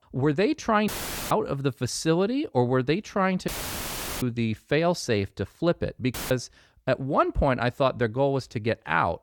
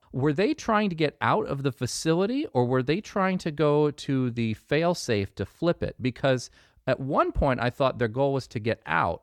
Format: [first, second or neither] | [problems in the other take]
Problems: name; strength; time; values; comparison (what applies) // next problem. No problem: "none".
second | audio cutting out; filled with static; at 1 s, at 3.5 s for 0.5 s and at 6 s